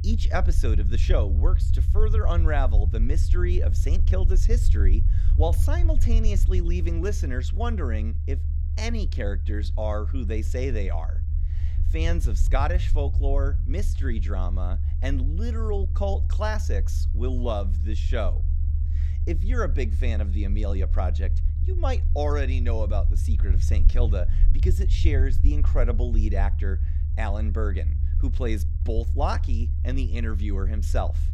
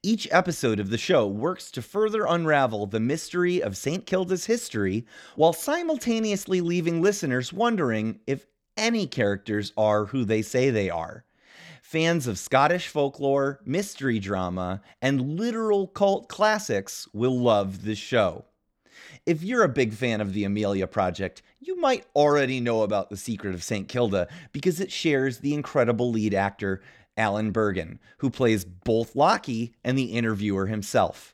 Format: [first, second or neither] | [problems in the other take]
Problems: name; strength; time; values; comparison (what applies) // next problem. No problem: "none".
second | low rumble; noticeable; throughout; 10 dB below the speech